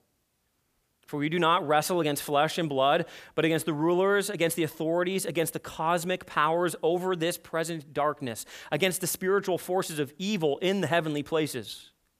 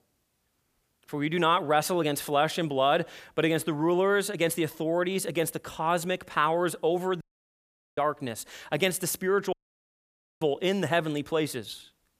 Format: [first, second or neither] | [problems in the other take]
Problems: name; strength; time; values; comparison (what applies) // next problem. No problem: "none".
first | audio cutting out; at 7 s for 1 s and at 9.5 s for 1 s